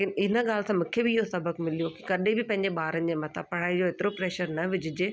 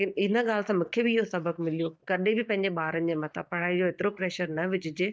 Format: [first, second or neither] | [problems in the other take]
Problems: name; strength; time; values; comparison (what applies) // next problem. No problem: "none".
first | noise reduction (neural mask model DeepFilterNet 3)